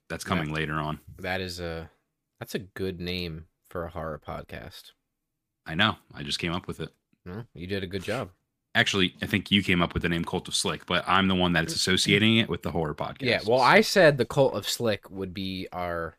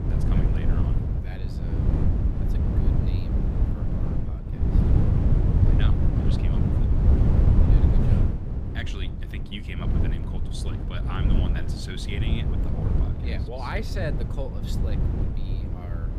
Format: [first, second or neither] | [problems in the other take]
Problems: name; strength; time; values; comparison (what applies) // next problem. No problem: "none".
first | wind noise on the microphone; heavy; 2 dB above the speech